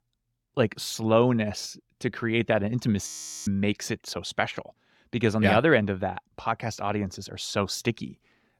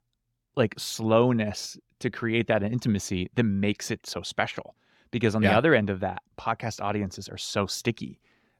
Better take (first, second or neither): second